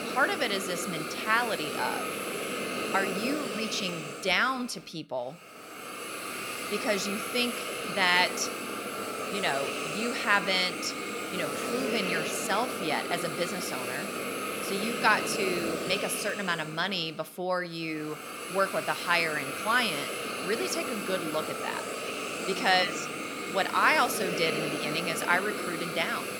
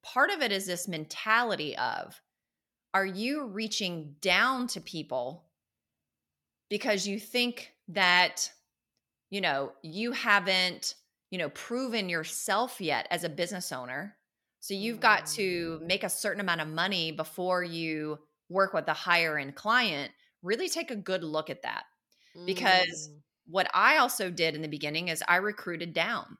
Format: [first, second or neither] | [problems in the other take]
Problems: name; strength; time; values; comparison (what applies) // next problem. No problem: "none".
second | hiss; loud; throughout; 4 dB below the speech